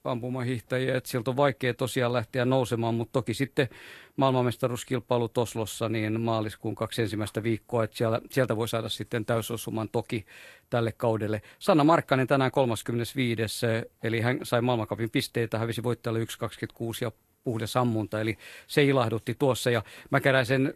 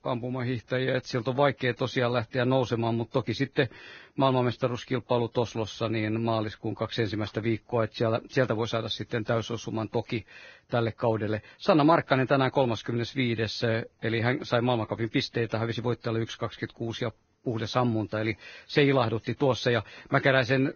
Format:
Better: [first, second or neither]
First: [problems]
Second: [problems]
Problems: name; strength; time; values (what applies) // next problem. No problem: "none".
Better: first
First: garbled, watery; slightly; nothing above 12.5 kHz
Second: garbled, watery; badly; nothing above 6.5 kHz